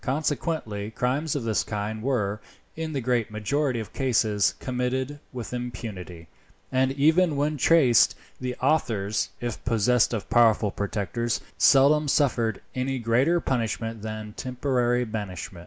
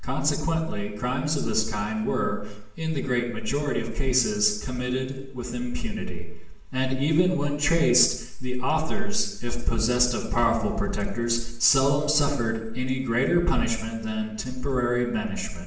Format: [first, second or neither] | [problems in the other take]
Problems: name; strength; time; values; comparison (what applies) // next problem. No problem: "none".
first | room echo; dies away in 0.8 s